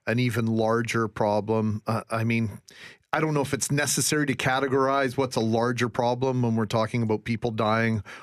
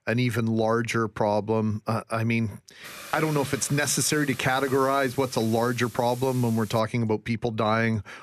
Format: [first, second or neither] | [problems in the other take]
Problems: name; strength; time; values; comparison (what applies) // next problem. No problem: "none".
first | hiss; noticeable; from 3 to 7 s; 15 dB below the speech